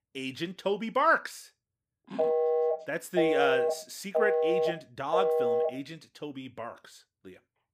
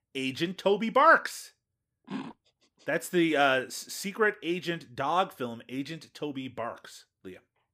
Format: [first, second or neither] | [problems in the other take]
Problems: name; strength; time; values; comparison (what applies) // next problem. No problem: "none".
second | phone ringing; loud; from 2 to 5.5 s; peak 6 dB above the speech